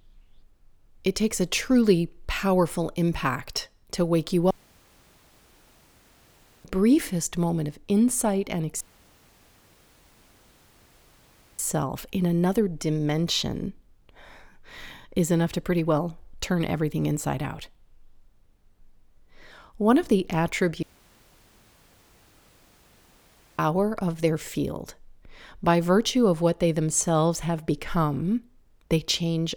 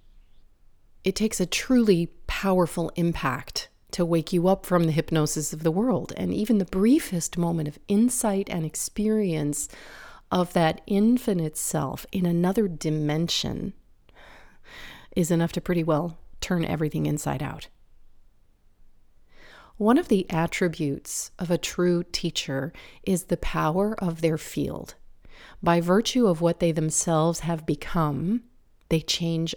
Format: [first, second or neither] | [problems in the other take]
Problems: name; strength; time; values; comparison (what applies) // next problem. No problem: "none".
second | audio cutting out; at 4.5 s for 2 s, at 9 s for 3 s and at 21 s for 3 s